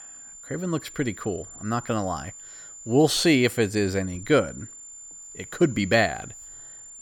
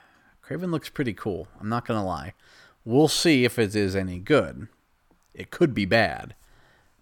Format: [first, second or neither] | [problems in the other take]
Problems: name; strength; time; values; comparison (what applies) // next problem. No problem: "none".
second | high-pitched whine; noticeable; throughout; 7 kHz, 15 dB below the speech